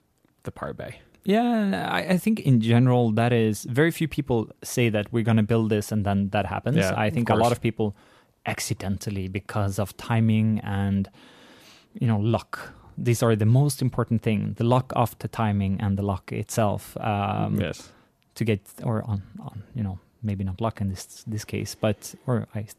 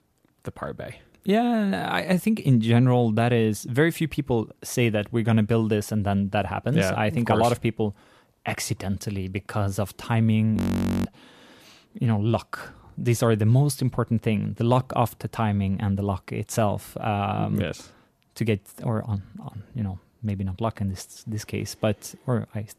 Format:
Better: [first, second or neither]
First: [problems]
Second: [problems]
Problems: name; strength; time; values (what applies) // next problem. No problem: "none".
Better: first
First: none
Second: audio freezing; at 11 s